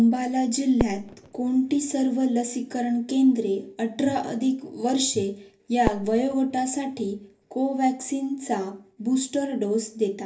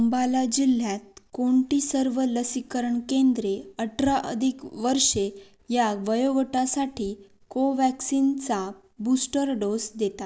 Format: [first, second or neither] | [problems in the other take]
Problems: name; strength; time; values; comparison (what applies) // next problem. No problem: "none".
second | background sound (Fireworks); 14 dB below the speech // room echo; dies away in 0.3 s